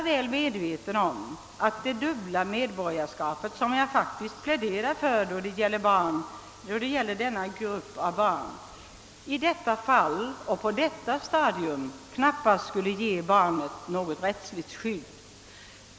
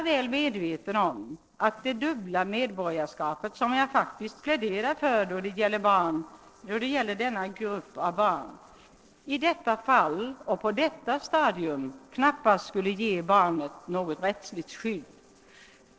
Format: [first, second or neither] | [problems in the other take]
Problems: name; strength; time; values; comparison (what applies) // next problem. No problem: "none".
first | noise reduction (neural separator model SepFormer DNS4)